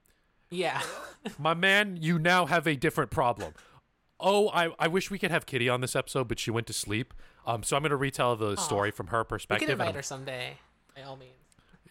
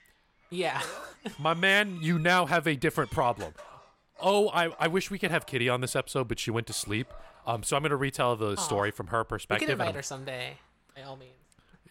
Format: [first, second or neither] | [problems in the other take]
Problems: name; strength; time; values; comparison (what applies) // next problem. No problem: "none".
first | animal sounds; faint; until 8 s; 25 dB below the speech